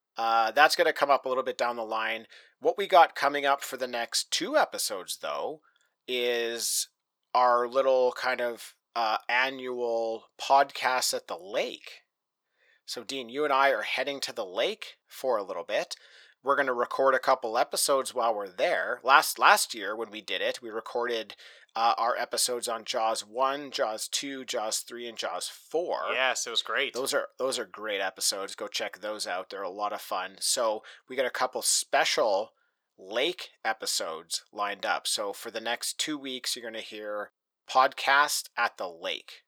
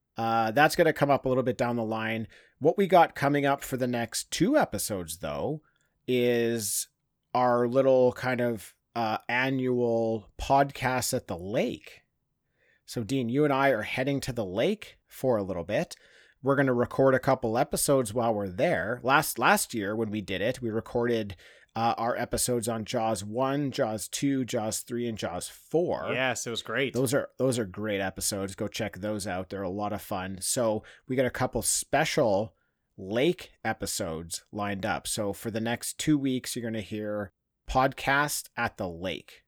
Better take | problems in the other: second | thin; very; fading below 550 Hz

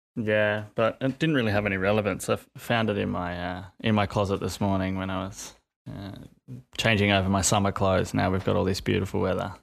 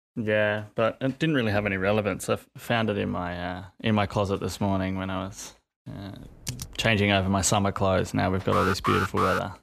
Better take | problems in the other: first | keyboard typing; faint; at 6 s; peak 10 dB below the speech // alarm; noticeable; at 8.5 s; peak level with the speech

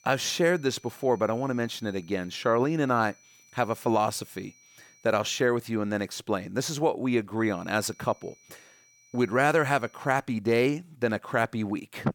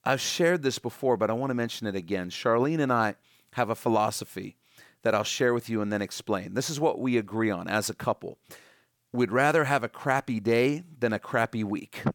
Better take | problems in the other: second | high-pitched whine; faint; until 5 s and from 7.5 to 10 s; 6 kHz, 30 dB below the speech

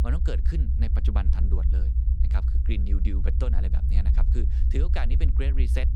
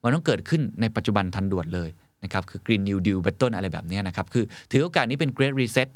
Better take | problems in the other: second | low rumble; loud; throughout; 4 dB below the speech

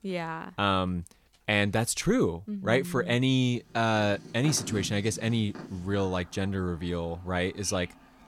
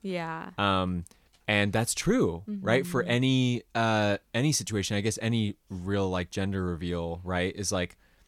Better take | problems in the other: second | animal sounds; noticeable; from 3.5 s on; 15 dB below the speech

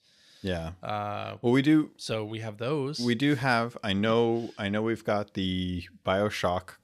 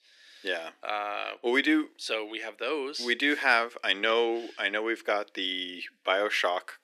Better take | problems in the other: first | thin; somewhat; fading below 300 Hz

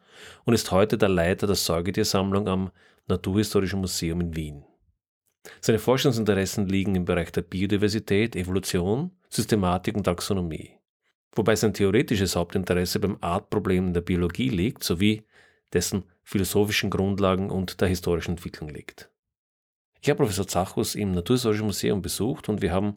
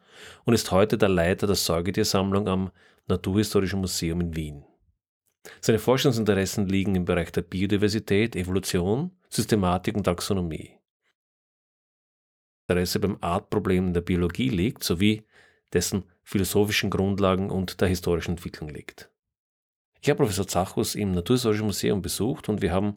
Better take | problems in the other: first | audio freezing; at 11 s for 1.5 s

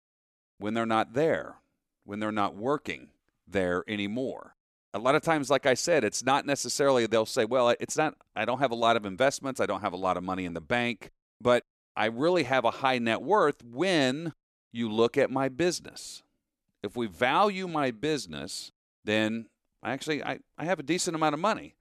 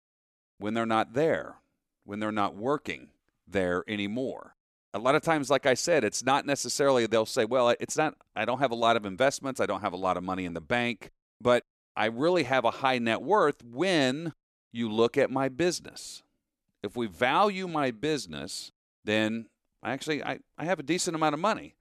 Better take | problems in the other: neither | none

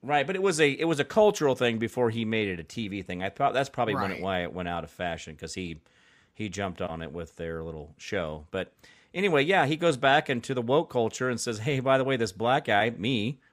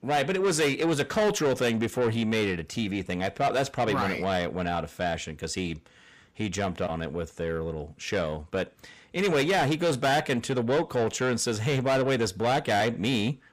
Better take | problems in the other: first | distortion; heavy; 7 dB below the speech

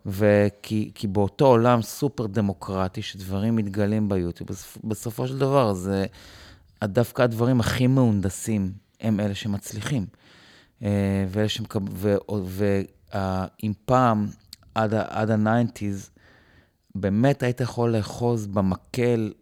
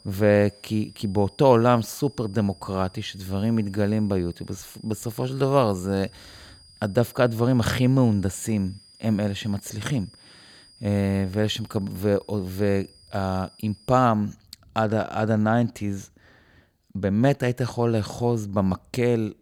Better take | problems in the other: first | high-pitched whine; faint; until 14 s; 5 kHz, 25 dB below the speech

